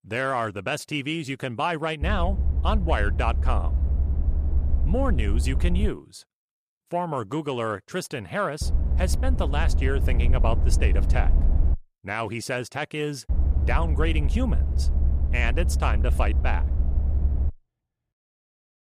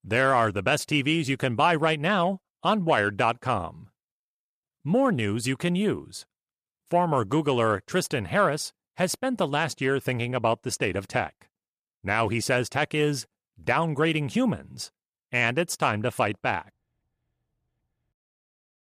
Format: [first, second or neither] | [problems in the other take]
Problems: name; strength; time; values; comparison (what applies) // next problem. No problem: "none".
second | low rumble; noticeable; from 2 to 6 s, from 8.5 to 12 s and from 13 to 18 s; 15 dB below the speech